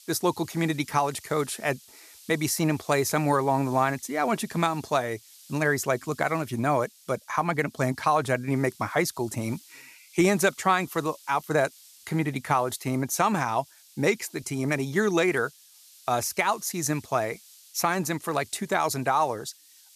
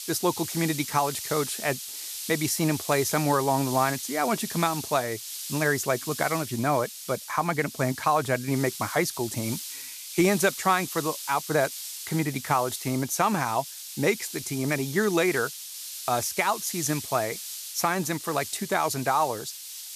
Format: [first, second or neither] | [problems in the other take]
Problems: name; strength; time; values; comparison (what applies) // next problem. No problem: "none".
first | hiss; loud; throughout; 8 dB below the speech; faint in the first